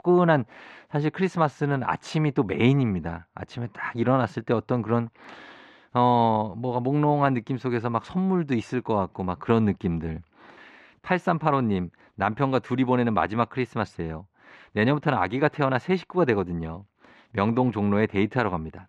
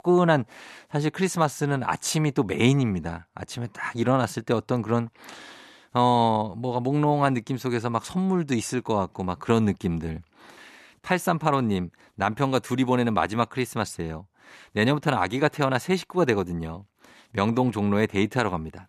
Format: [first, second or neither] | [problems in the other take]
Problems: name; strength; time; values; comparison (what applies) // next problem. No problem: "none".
second | muffled; slightly; fading above 3 kHz